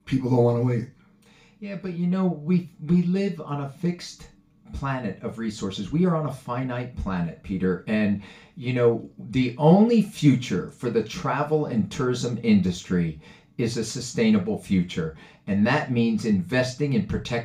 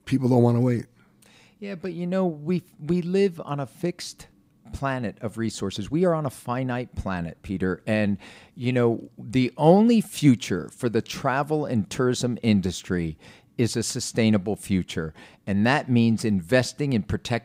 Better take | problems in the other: second | room echo; very slight; dies away in 0.2 s // off-mic speech; far

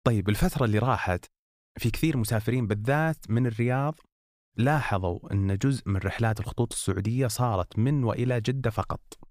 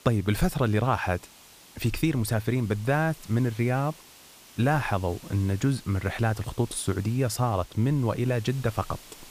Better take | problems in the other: first | hiss; faint; throughout; 20 dB below the speech

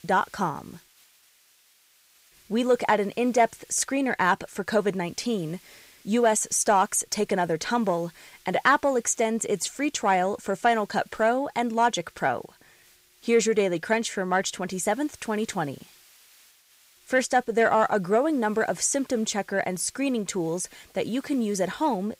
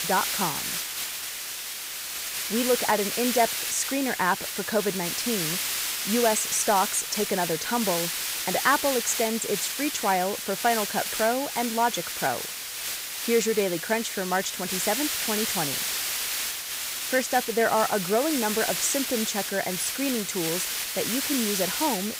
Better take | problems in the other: first | hiss; loud; throughout; 1 dB below the speech; faint in the first

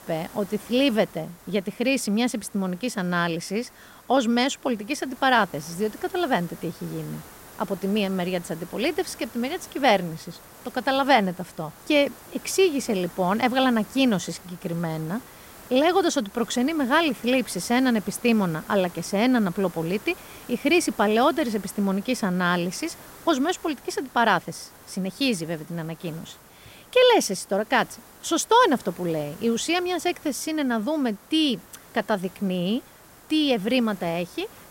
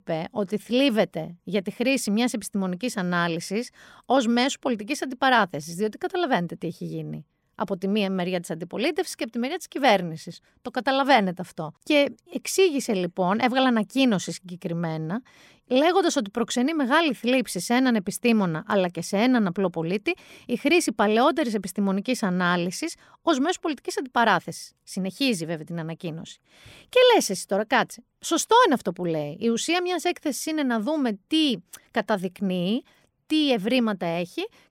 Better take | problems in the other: second | hiss; faint; throughout; 20 dB below the speech

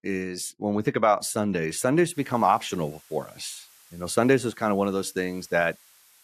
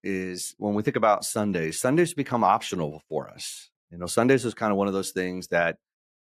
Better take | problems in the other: second | hiss; faint; from 2 s on; 25 dB below the speech

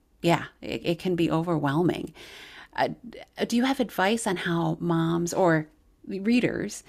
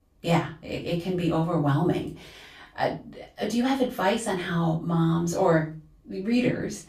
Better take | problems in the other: first | off-mic speech; far // room echo; slight; dies away in 0.3 s

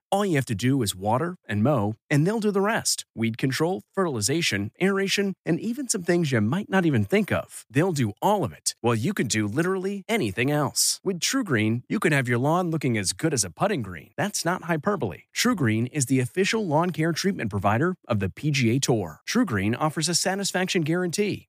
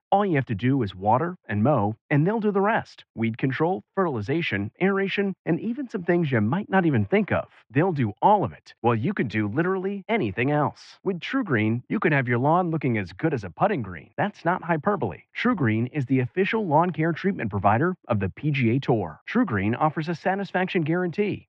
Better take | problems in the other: first | muffled; very; fading above 2.5 kHz

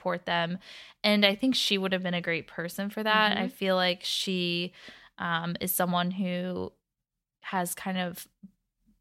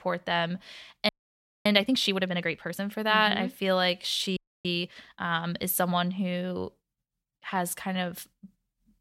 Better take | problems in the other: first | audio freezing; at 1 s for 0.5 s and at 4.5 s

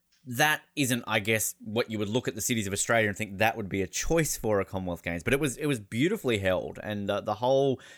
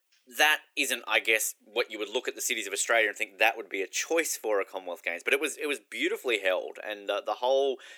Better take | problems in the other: first | thin; very; fading below 350 Hz

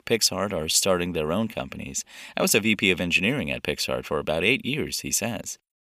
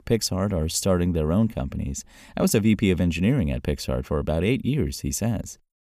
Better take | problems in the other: second | thin; somewhat; fading below 650 Hz

